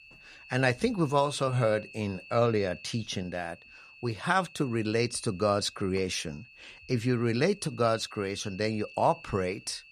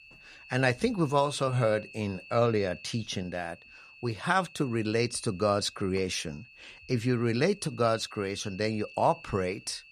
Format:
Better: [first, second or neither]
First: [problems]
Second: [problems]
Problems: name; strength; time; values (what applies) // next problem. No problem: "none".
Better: neither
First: high-pitched whine; noticeable; throughout; 2.5 kHz, 20 dB below the speech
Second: high-pitched whine; noticeable; throughout; 2.5 kHz, 20 dB below the speech